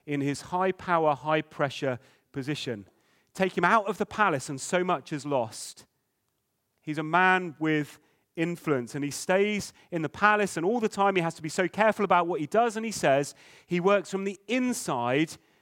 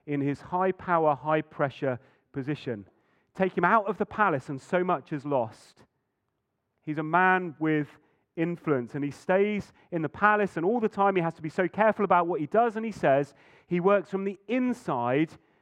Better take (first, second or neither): first